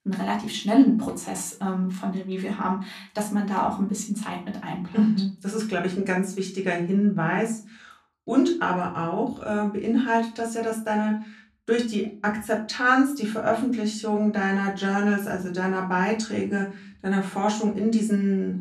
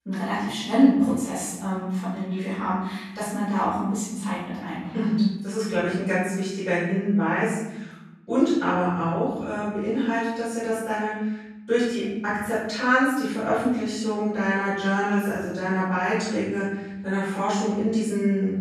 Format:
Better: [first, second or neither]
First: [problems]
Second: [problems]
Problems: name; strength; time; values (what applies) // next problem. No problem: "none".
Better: first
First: room echo; slight; dies away in 0.3 s // off-mic speech; far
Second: room echo; strong; dies away in 1 s // off-mic speech; far